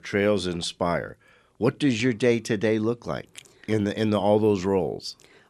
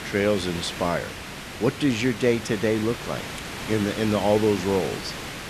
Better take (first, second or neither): first